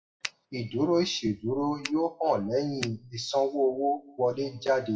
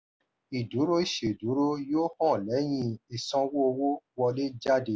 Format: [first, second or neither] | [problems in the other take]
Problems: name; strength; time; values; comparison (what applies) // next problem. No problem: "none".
second | noise reduction (classical method WPE with log-MMSE)